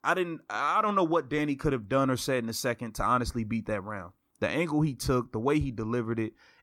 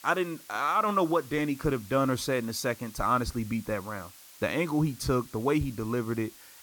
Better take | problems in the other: first | hiss; noticeable; throughout; 20 dB below the speech

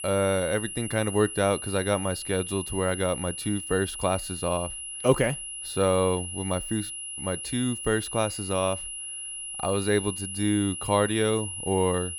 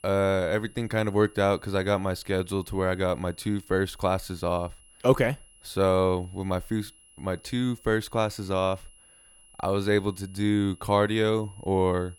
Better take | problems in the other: second | high-pitched whine; loud; throughout; 11 kHz, 6 dB below the speech; faint in the second

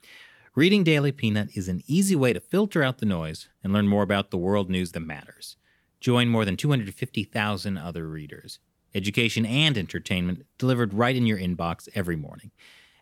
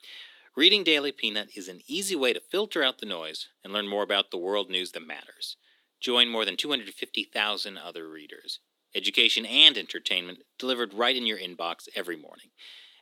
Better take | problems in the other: first | thin; somewhat; fading below 300 Hz

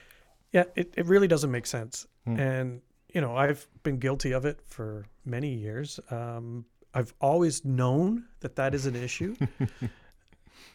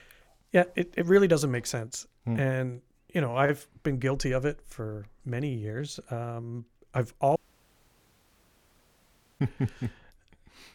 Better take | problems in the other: first | audio cutting out; at 7.5 s for 2 s

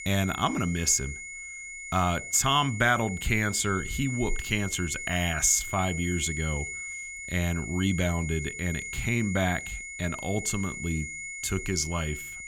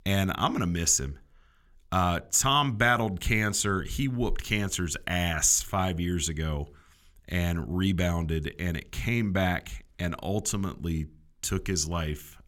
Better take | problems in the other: second | high-pitched whine; loud; throughout; 2 kHz, 8 dB below the speech

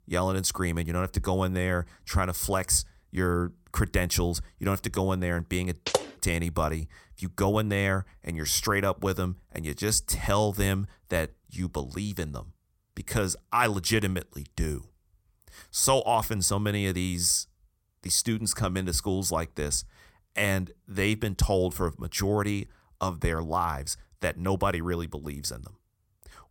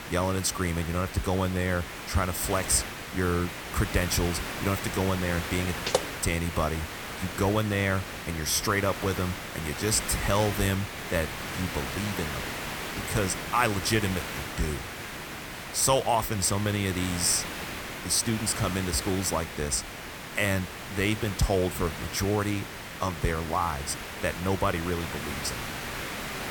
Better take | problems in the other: first | hiss; loud; throughout; 7 dB below the speech

